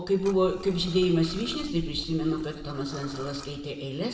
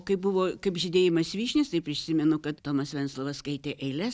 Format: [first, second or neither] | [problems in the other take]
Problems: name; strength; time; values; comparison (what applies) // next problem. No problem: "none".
second | background sound (Liquid); 13 dB below the speech // room echo; dies away in 1.7 s